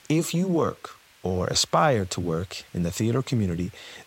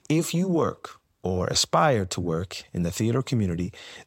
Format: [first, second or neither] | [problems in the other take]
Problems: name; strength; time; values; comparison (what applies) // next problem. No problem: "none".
second | hiss; faint; throughout; 25 dB below the speech